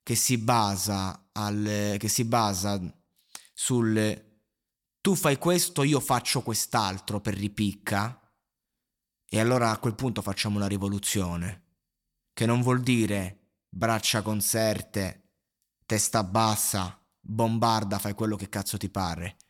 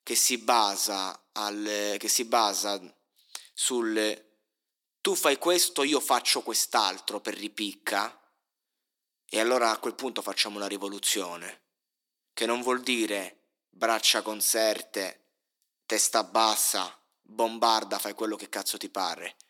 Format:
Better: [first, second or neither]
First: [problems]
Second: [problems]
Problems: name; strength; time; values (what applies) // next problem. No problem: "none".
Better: first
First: none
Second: thin; somewhat; fading below 300 Hz